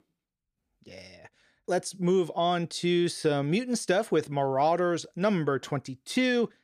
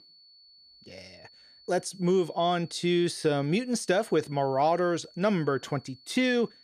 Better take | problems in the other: first | high-pitched whine; faint; throughout; 4.5 kHz, 25 dB below the speech

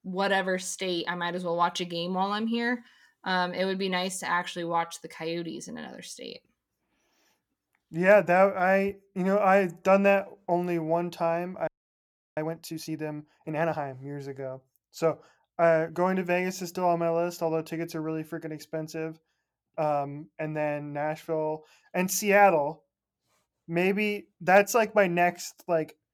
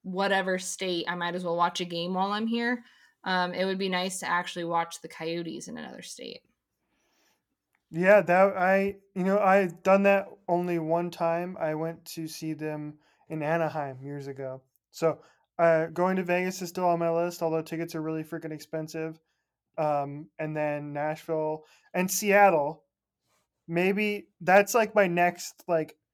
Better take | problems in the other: second | audio freezing; at 12 s for 0.5 s

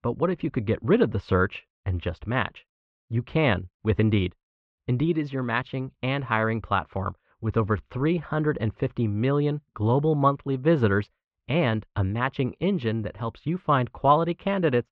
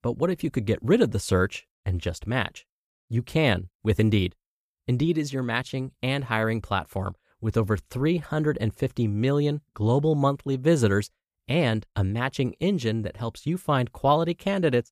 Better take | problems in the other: second | muffled; very; fading above 3 kHz

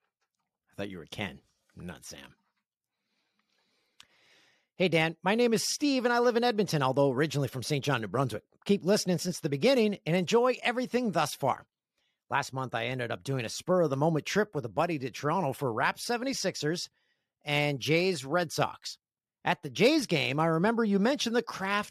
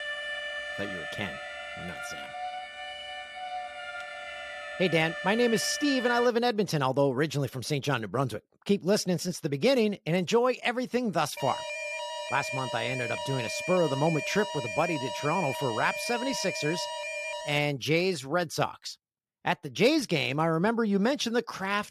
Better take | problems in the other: first | alarm; noticeable; until 6.5 s and from 11 to 18 s; peak 5 dB below the speech

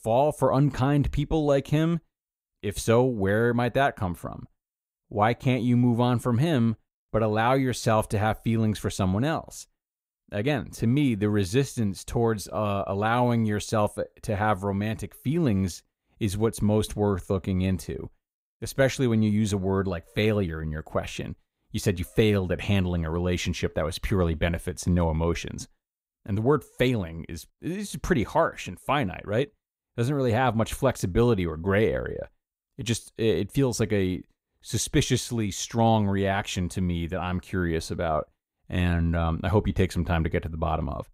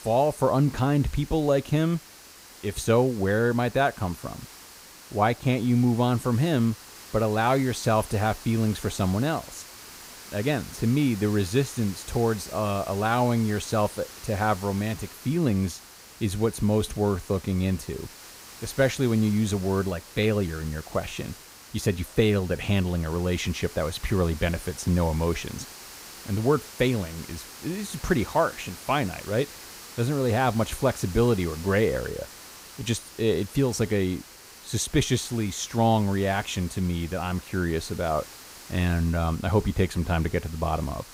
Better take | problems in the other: first | hiss; noticeable; throughout; 15 dB below the speech

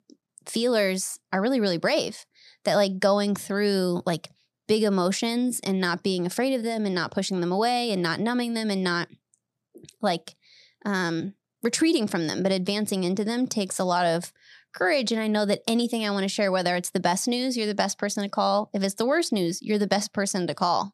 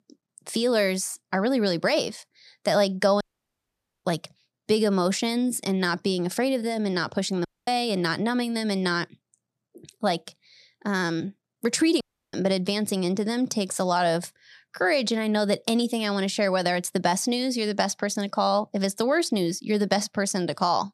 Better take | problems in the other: first | audio cutting out; at 3 s for 1 s, at 7.5 s and at 12 s

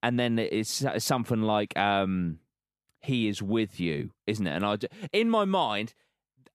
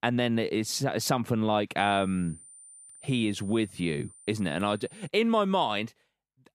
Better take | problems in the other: first | high-pitched whine; faint; from 2 to 5 s; 9 kHz, 20 dB below the speech

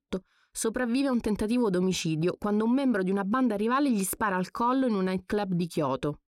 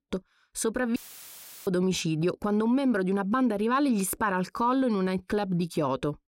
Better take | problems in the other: first | audio cutting out; filled with static; at 1 s for 0.5 s

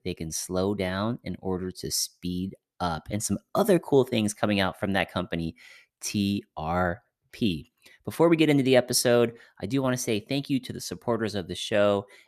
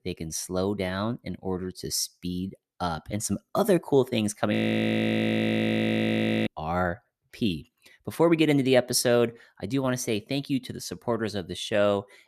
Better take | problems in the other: first | audio freezing; at 4.5 s for 2 s

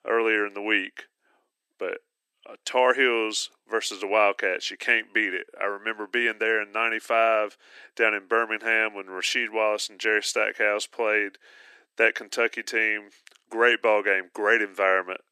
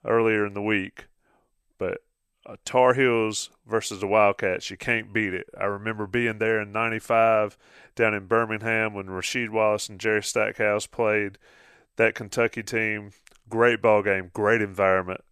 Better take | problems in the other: second | thin; somewhat; fading below 300 Hz

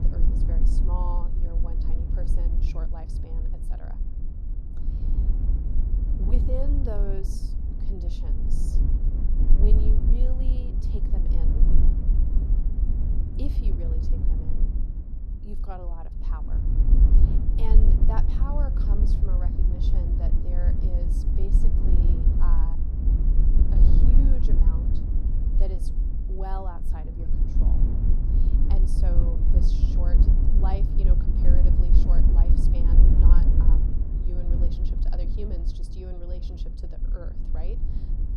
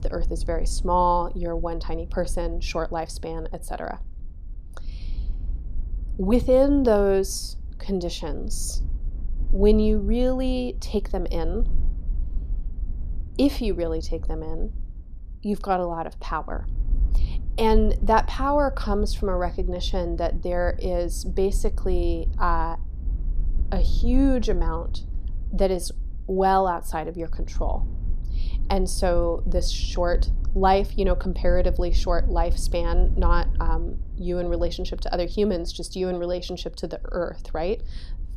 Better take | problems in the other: second | wind noise on the microphone; heavy; as loud as the speech; occasional gusts in the second

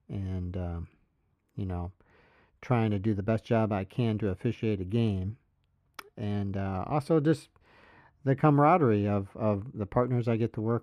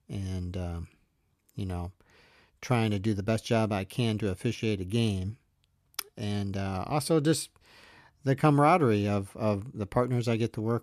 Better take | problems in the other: second | muffled; slightly; fading above 3 kHz

